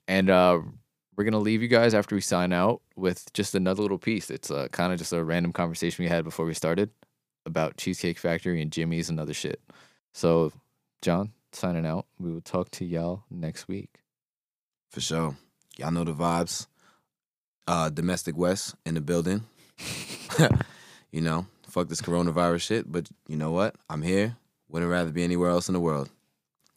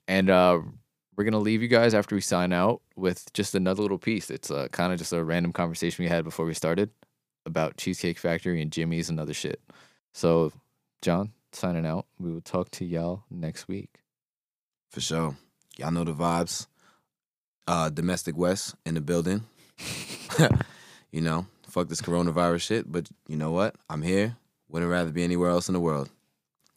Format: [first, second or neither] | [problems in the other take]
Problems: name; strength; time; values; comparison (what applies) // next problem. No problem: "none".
neither | none